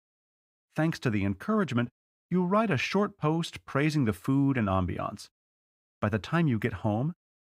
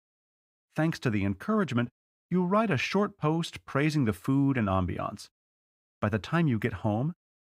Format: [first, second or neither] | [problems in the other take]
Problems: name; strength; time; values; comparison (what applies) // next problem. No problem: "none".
neither | none